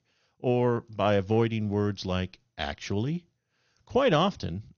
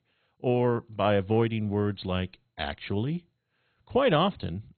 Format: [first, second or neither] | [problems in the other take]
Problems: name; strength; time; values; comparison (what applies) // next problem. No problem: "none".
first | garbled, watery; badly; nothing above 3.5 kHz; slightly in the first